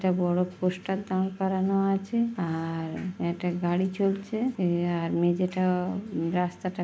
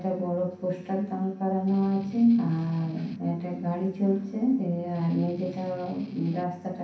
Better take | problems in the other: first | background sound (Strum); 18 dB below the speech // room echo; dies away in 0.6 s

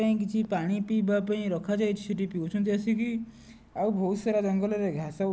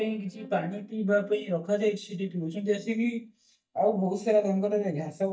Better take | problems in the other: first | noise reduction (neural mask model DeepFilterNet 3)

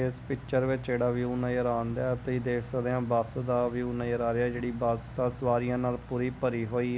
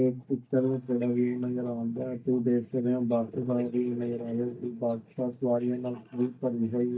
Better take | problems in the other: first | noise reduction (neural mask model DeepFilterNet 3)

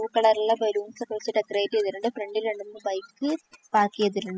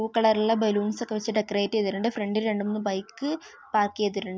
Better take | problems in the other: second | noise reduction (classical method spectral subtraction)

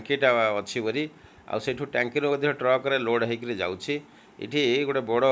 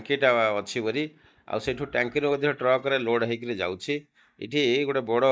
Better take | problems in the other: first | noise reduction (neural mask model DeepFilterNet 3)

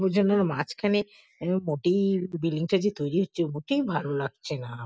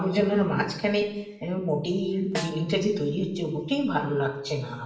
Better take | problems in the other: first | background sound (Snare drum); 14 dB below the speech // room echo; dies away in 0.9 s

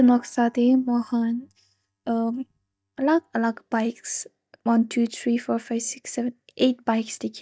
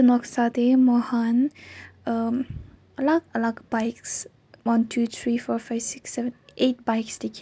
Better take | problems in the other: second | noise reduction (neural mask model DeepFilterNet 3)

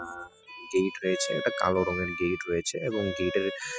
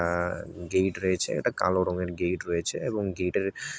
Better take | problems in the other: second | noise reduction (classical method spectral subtraction)

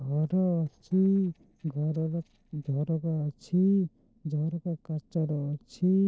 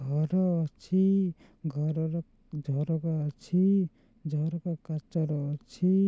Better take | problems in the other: second | noise reduction (neural separator model SepFormer DNS4)

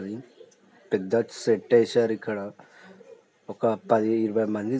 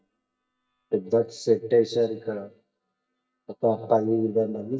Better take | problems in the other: first | noise reduction (neural mask model DeepFilterNet 3)

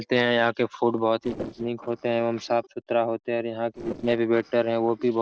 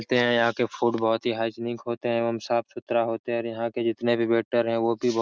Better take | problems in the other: second | noise reduction (neural separator model SepFormer DNS4)

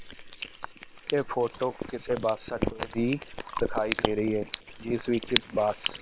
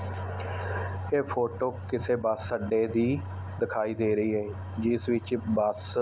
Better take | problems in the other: second | noise reduction (neural separator model SepFormer WHAM!)

